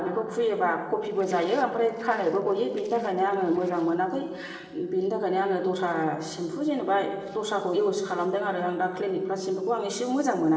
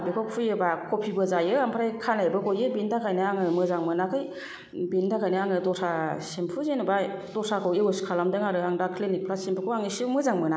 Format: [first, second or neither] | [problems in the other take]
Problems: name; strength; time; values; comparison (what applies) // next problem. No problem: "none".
second | noise reduction (neural separator model SepFormer DNS4)